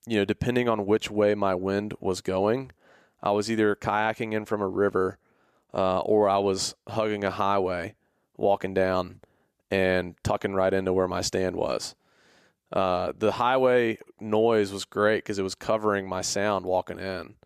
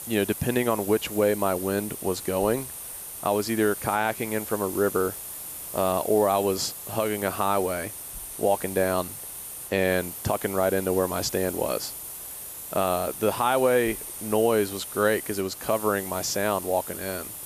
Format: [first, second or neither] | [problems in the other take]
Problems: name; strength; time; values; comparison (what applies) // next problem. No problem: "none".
first | hiss; loud; throughout; 9 dB below the speech